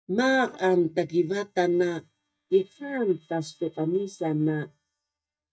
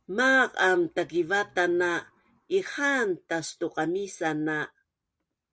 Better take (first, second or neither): second